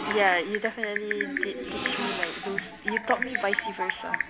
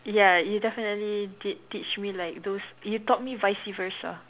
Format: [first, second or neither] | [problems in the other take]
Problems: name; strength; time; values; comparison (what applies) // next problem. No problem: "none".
second | background sound (Typing); 1 dB below the speech